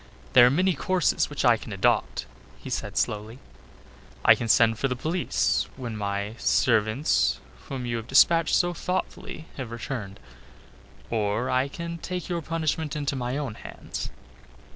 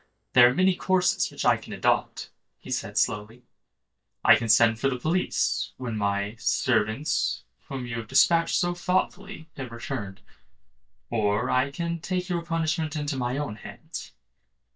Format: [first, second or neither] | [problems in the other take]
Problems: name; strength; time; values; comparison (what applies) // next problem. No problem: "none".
first | noise reduction (neural mask model DeepFilterNet 3)